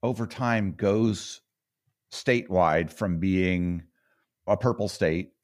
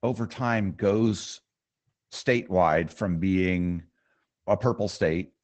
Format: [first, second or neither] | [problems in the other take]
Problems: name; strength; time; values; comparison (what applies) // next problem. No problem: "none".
first | garbled, watery; badly; nothing above 7.5 kHz